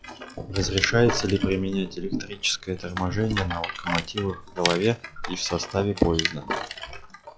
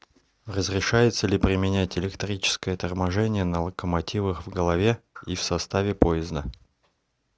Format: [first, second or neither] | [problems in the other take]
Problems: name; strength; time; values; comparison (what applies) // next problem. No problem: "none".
second | noise reduction (classical method log-MMSE)